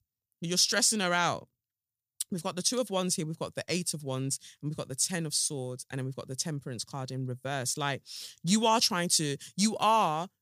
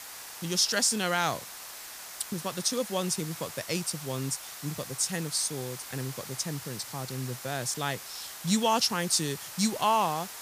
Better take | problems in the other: first | hiss; noticeable; throughout; 10 dB below the speech

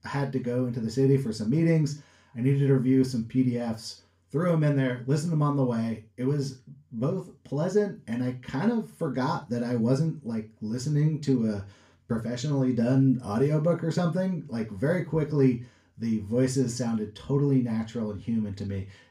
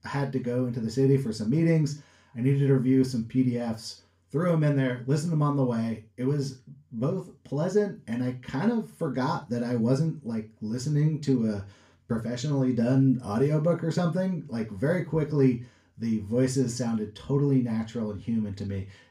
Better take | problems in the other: neither | room echo; slight; dies away in 0.3 s; the same in both // off-mic speech; somewhat distant; the same in both

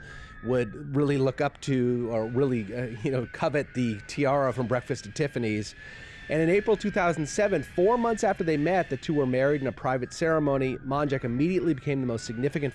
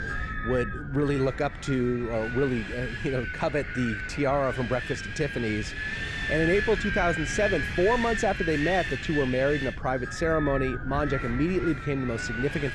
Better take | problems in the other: first | wind noise on the microphone; heavy; 3 dB below the speech; occasional gusts in the first

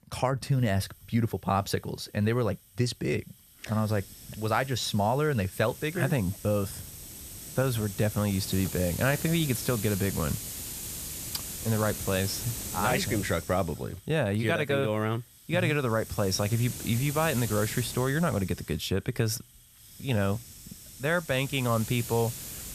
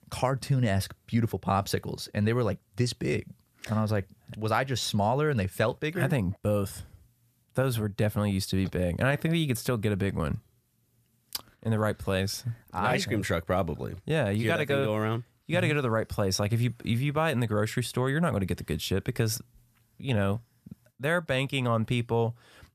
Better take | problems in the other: second | hiss; loud; throughout; 9 dB below the speech

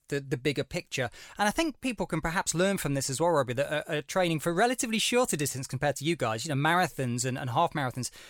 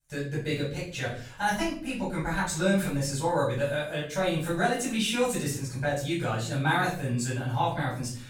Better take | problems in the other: first | off-mic speech; far // room echo; noticeable; dies away in 0.5 s

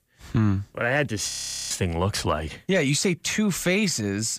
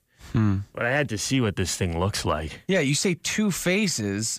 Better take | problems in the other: second | audio freezing; at 1.5 s

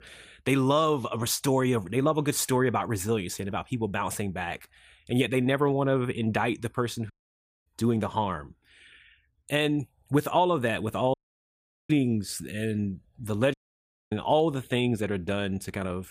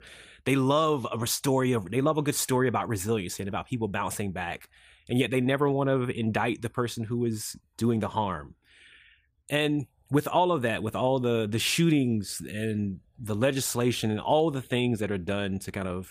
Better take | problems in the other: second | audio cutting out; at 7 s for 0.5 s, at 11 s for 1 s and at 14 s for 0.5 s

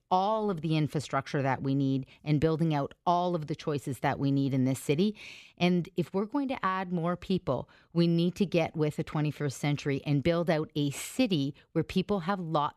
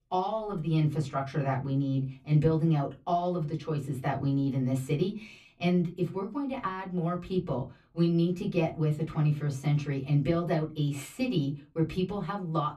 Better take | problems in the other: first | off-mic speech; far // room echo; very slight; dies away in 0.2 s

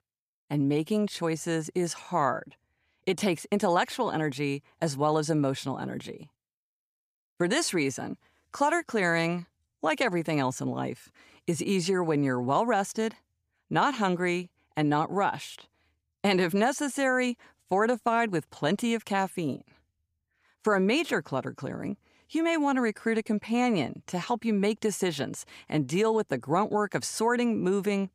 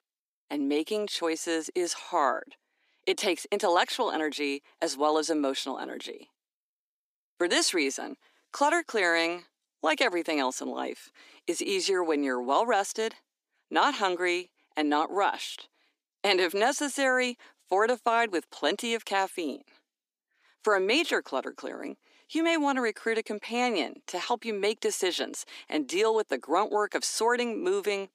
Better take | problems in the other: first | thin; very slightly; fading below 250 Hz

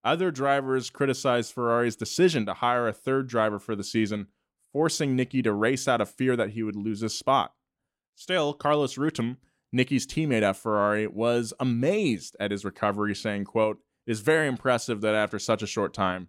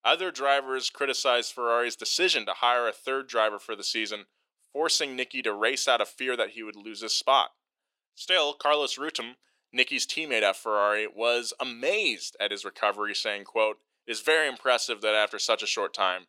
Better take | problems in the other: first | thin; very; fading below 450 Hz

